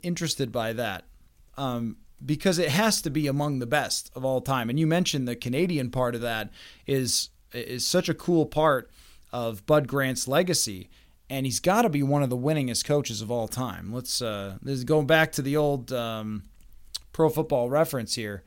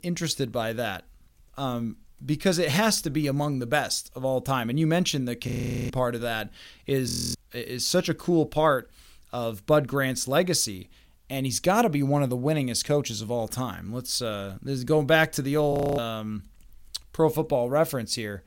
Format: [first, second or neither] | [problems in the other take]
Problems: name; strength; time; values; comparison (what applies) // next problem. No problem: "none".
first | audio freezing; at 5.5 s, at 7 s and at 16 s